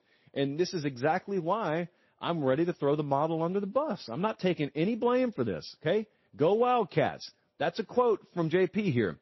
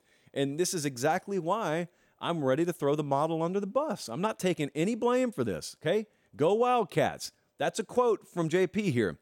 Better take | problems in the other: second | garbled, watery; slightly; nothing above 5.5 kHz

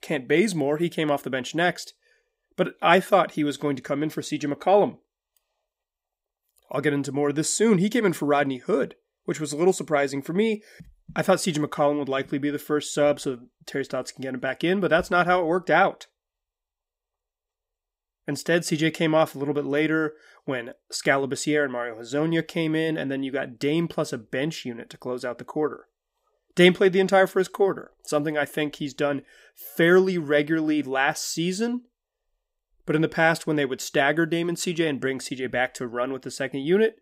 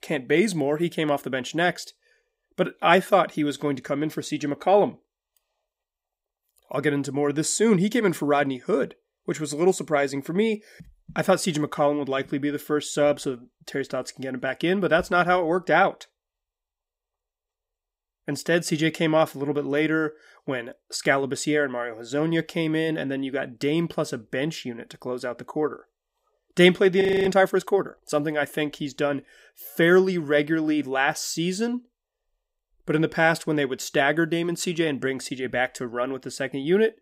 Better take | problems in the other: first | audio freezing; at 27 s

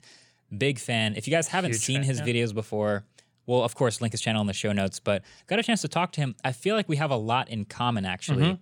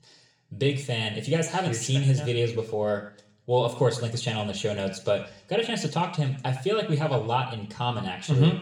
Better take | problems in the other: first | room echo; slight; dies away in 0.6 s

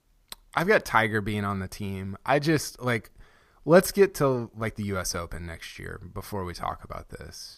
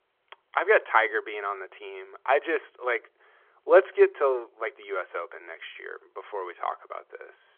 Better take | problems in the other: first | phone-call audio

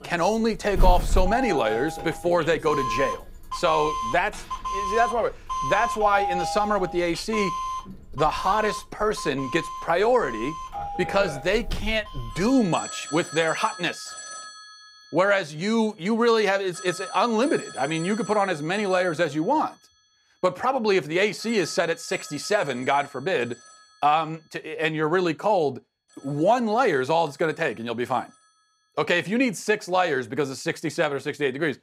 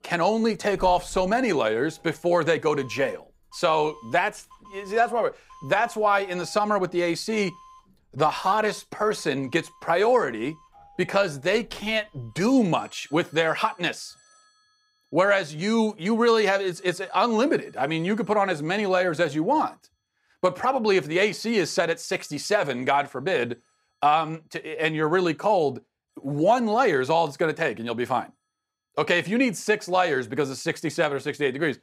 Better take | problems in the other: second | alarms or sirens; loud; throughout; 8 dB below the speech; faint in the second

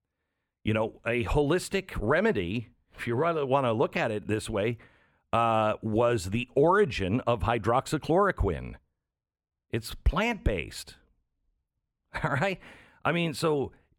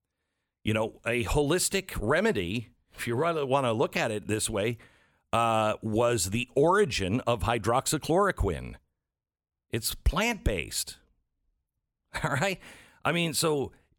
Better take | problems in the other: second | muffled; slightly; fading above 4 kHz

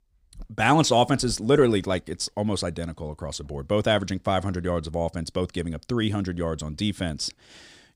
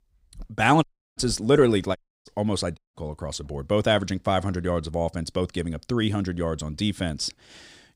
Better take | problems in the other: first | audio cutting out; at 1 s, at 2 s and at 3 s

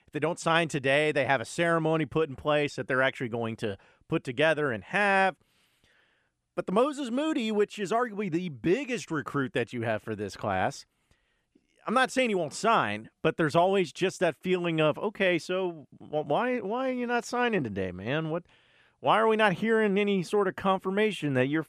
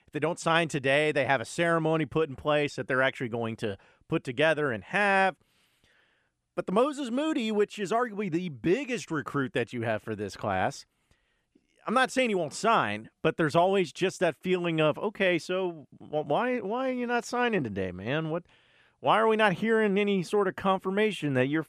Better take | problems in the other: neither | none

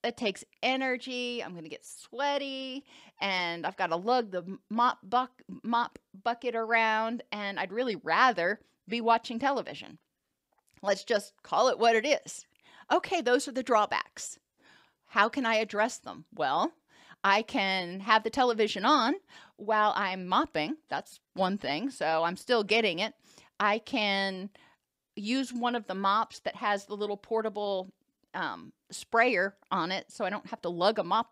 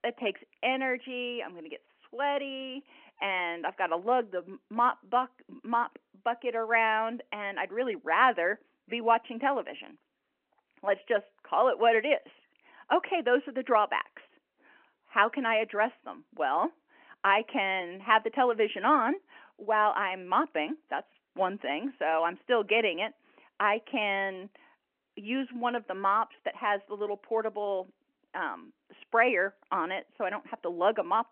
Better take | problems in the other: first | phone-call audio; nothing above 3 kHz

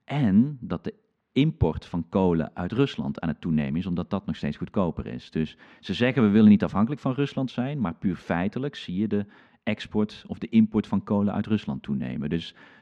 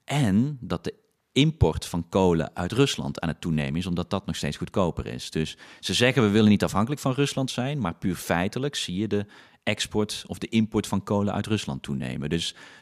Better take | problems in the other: second | muffled; slightly; fading above 2.5 kHz

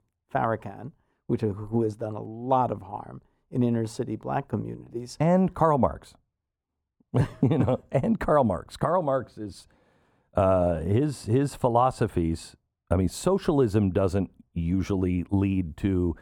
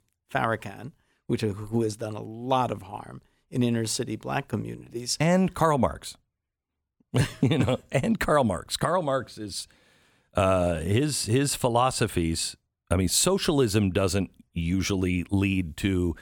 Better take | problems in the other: second | muffled; very; fading above 1.5 kHz

